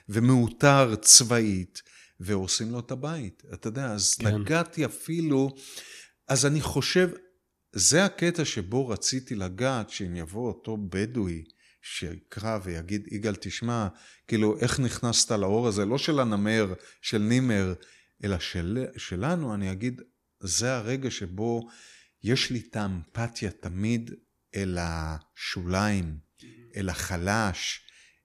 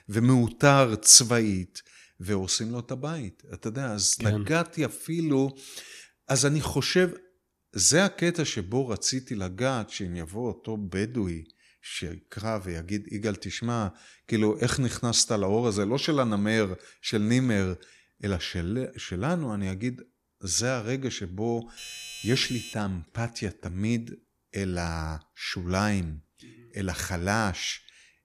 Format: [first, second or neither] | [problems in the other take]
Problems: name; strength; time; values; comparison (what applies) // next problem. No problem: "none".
first | doorbell; faint; from 22 to 23 s; peak 10 dB below the speech